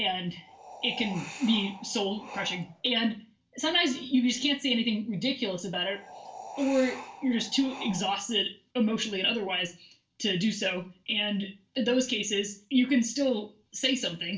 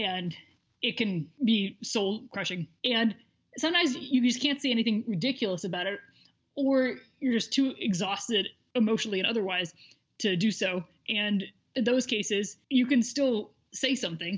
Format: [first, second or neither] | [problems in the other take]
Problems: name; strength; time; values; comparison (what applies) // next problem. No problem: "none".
second | background sound (Wind); 15 dB below the speech // room echo; dies away in 0.3 s